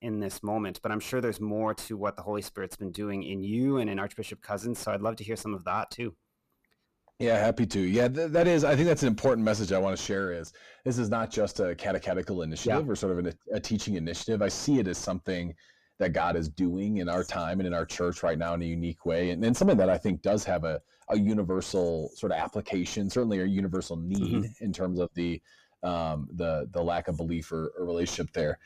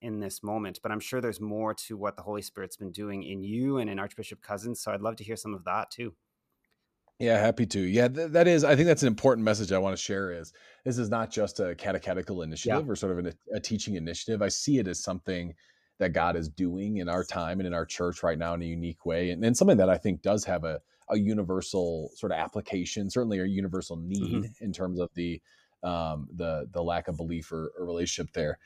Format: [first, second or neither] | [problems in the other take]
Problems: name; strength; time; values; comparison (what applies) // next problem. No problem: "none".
second | distortion; slight; 10 dB below the speech